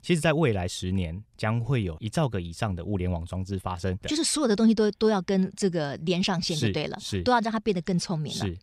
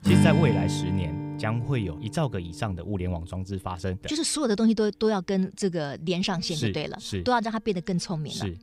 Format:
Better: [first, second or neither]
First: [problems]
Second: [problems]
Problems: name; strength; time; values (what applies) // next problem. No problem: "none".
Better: first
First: none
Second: background music; very loud; throughout; as loud as the speech